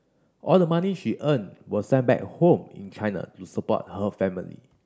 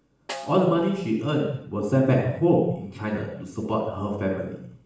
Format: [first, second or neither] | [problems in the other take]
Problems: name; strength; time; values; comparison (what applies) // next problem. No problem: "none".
first | background sound (Snare drum); 19 dB below the speech // room echo; dies away in 0.7 s